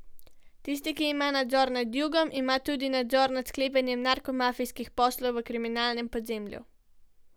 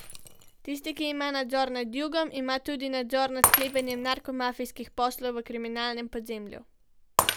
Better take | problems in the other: first | background sound (Shatter); 3 dB below the speech

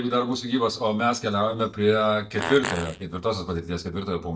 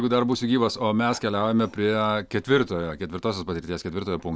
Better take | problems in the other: second | noise reduction (neural mask model DeepFilterNet 3)

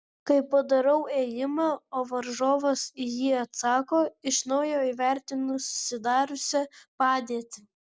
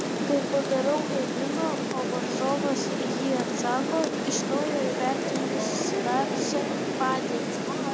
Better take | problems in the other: first | background sound (Rain); 2 dB above the speech

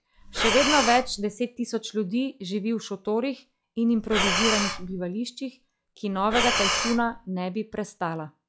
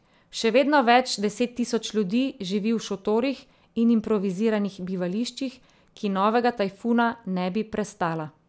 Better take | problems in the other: second | noise reduction (classical method log-MMSE)

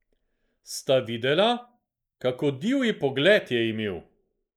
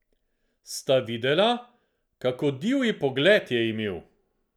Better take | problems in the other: second | noise reduction (neural mask model Resemble Enhance denoiser)

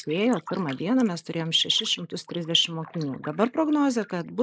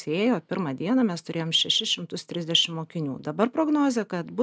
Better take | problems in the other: second | noise reduction (neural mask model Resemble Enhance denoiser)

